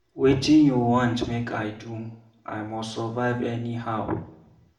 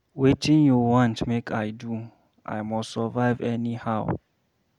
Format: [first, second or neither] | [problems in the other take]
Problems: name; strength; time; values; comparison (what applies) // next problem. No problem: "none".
second | room echo; dies away in 0.5 s